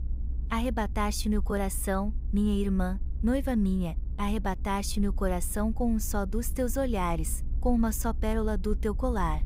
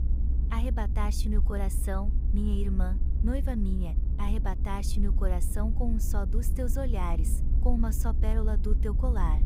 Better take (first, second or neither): first